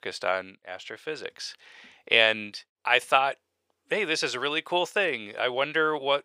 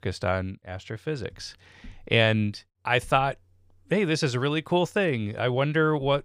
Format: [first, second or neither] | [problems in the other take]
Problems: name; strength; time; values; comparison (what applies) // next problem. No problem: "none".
second | thin; very; fading below 500 Hz